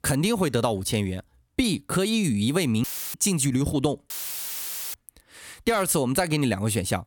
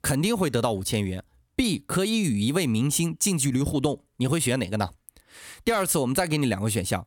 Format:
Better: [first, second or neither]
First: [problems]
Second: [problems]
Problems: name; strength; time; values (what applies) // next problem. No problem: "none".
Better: second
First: audio cutting out; filled with static; at 3 s and at 4 s for 1 s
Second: none